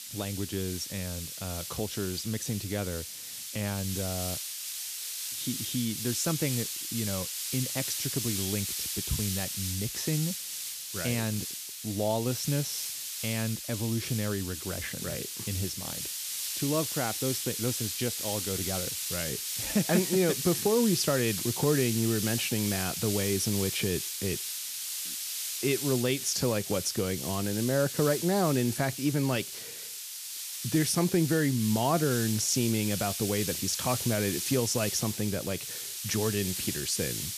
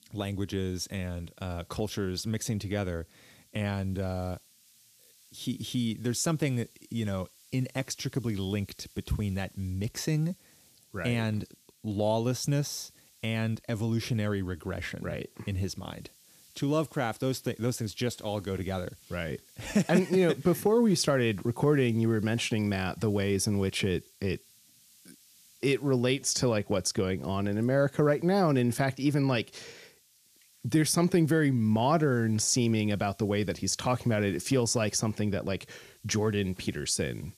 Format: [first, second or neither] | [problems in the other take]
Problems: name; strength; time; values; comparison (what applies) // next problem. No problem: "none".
second | hiss; loud; throughout; 2 dB below the speech; faint in the second